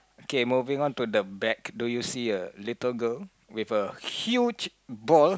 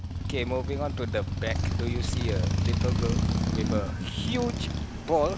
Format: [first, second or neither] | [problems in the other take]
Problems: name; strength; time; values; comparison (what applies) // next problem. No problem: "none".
first | background sound (Motorcycle); 4 dB above the speech